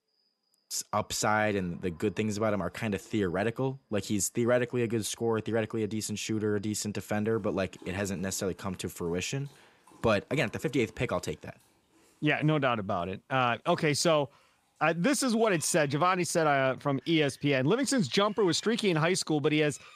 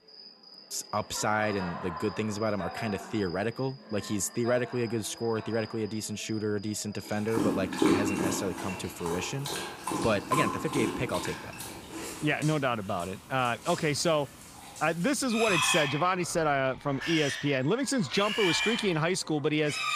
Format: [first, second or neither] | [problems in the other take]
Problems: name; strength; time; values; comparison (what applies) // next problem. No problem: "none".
first | animal sounds; loud; throughout; 3 dB below the speech; faint in the first